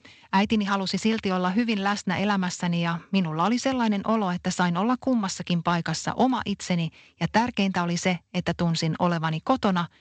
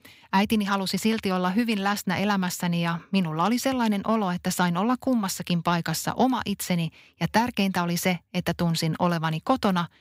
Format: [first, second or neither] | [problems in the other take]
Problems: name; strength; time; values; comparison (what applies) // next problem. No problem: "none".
second | garbled, watery; slightly; nothing above 8 kHz